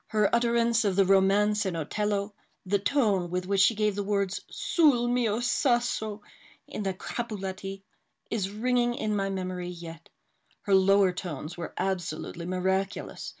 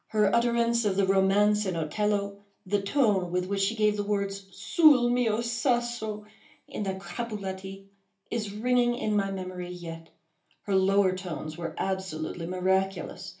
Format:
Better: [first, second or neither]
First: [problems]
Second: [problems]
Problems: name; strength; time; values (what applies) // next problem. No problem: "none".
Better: first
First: none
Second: room echo; dies away in 0.3 s